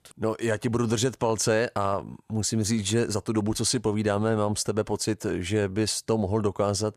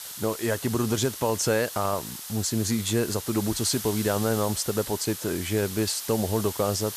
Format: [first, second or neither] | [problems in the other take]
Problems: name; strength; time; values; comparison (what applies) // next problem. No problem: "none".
first | hiss; loud; throughout; 8 dB below the speech